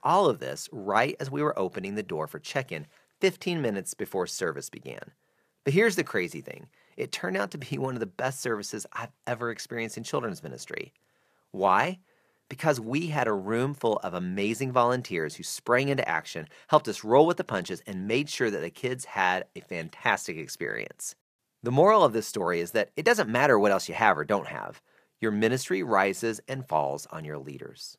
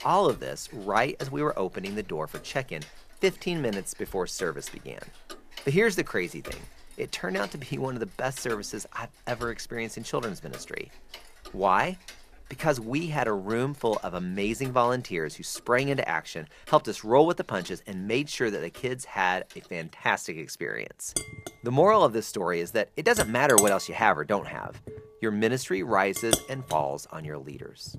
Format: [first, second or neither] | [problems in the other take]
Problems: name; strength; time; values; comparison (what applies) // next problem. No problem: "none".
first | household noises; loud; throughout; 8 dB below the speech